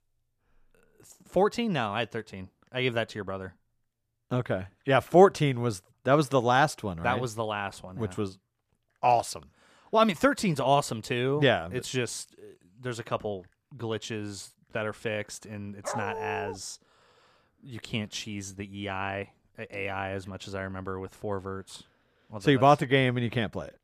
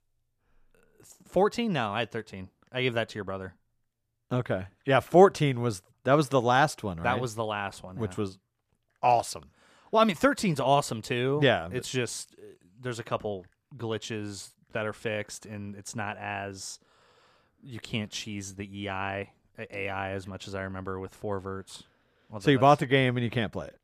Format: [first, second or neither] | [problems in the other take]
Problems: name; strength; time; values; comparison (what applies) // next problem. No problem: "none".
second | dog barking; noticeable; at 16 s; peak 7 dB below the speech